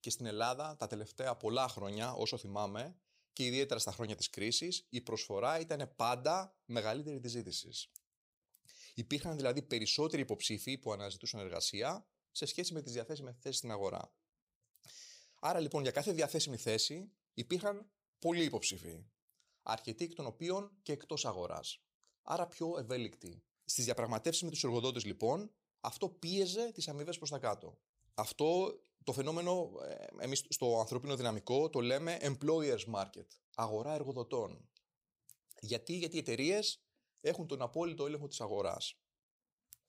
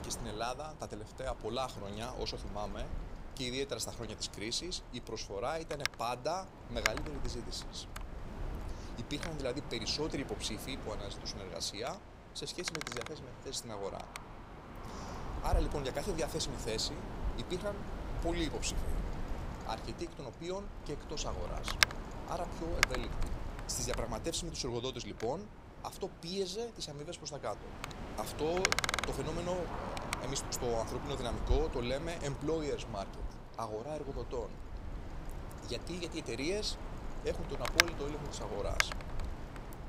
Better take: first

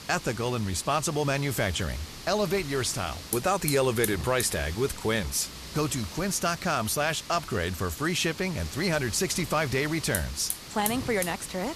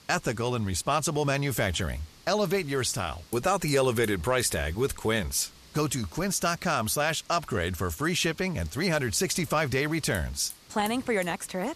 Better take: second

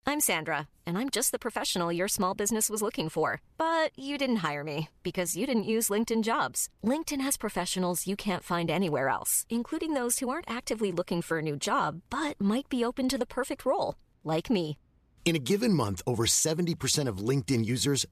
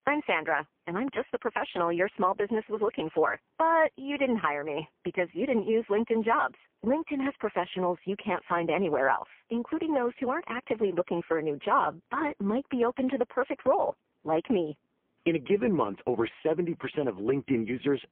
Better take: first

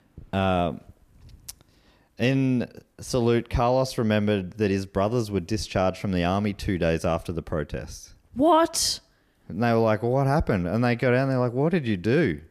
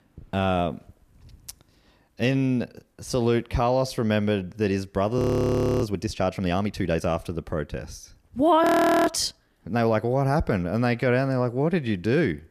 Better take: first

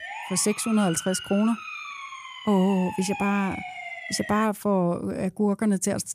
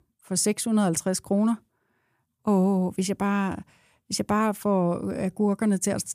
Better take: second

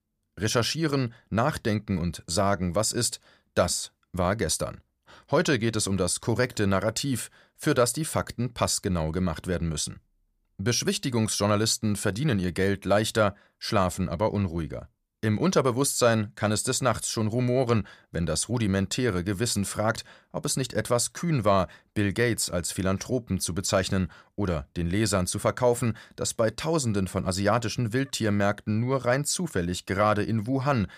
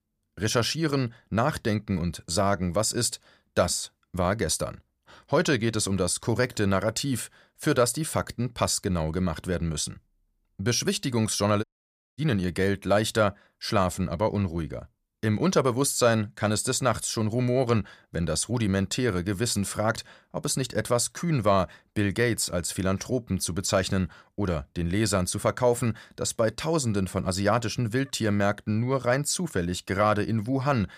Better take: first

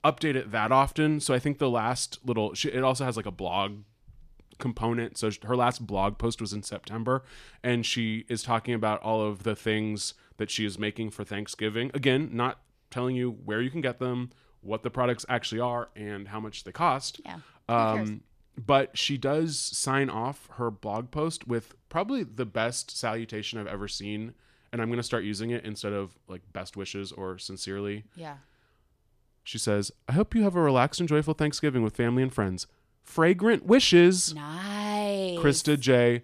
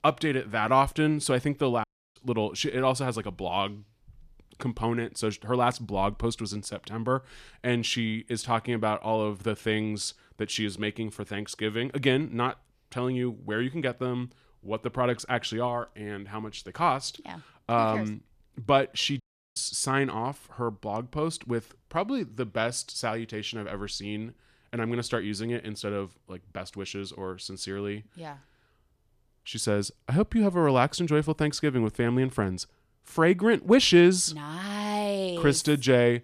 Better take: first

